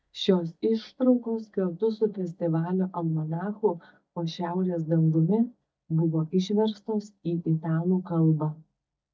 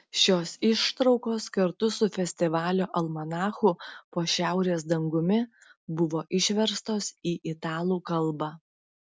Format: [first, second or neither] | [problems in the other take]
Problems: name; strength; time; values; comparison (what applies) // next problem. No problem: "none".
second | noise reduction (neural mask model DeepFilterNet 3)